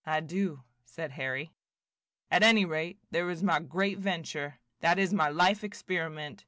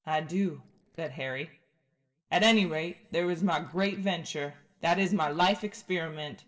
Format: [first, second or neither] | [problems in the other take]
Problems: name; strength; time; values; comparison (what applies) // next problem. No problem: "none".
first | noise reduction (neural separator model SepFormer DNS4)